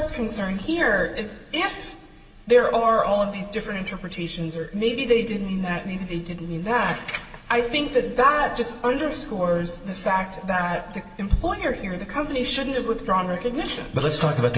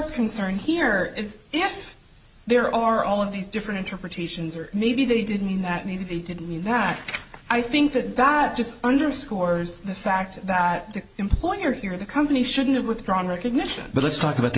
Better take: second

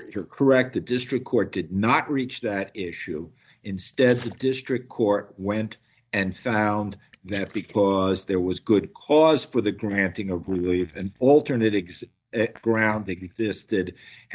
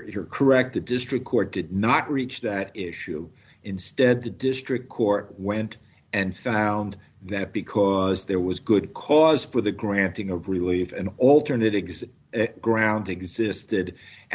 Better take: second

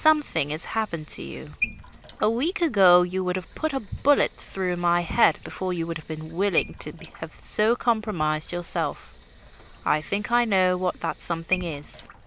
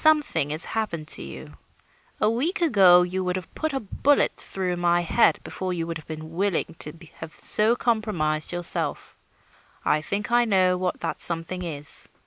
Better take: second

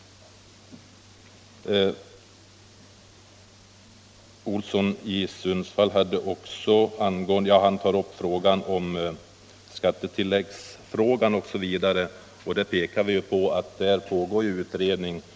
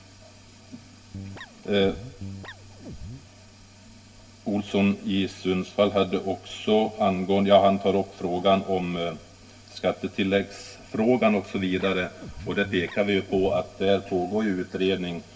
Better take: first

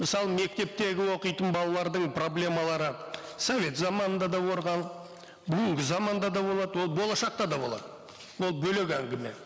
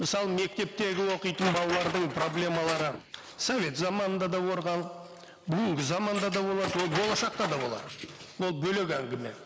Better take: first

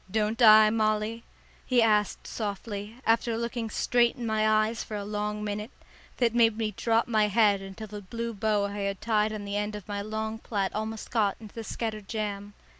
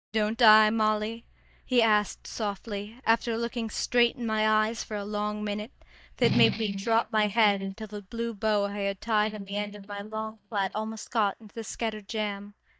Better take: first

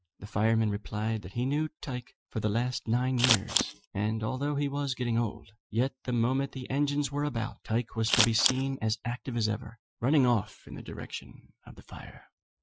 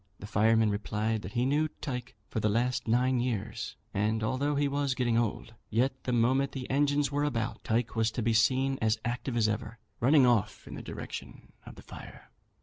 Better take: second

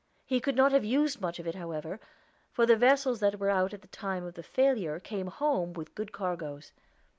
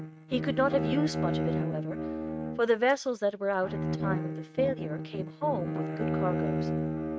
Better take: first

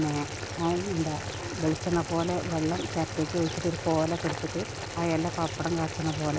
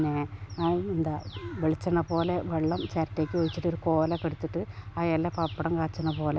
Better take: second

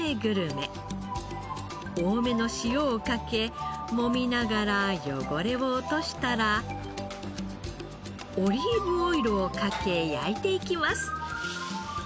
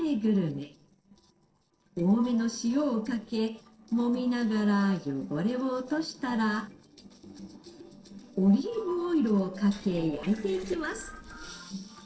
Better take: first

